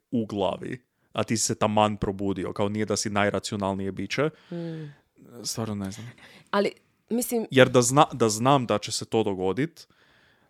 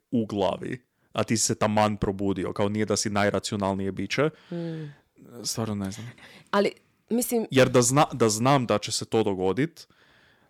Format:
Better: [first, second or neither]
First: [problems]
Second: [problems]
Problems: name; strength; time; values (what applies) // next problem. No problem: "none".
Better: first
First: none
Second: distortion; slight; 1.1% of the sound clipped